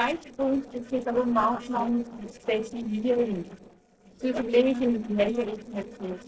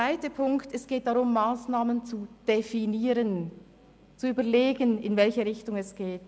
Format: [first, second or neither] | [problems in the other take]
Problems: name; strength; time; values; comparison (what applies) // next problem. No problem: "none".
second | noise reduction (neural separator model SepFormer DNS4)